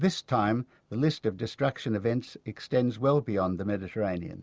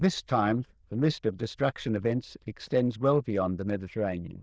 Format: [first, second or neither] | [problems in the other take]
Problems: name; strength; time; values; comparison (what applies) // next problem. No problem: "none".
first | noise reduction (neural diffusion model UNIVERSE++)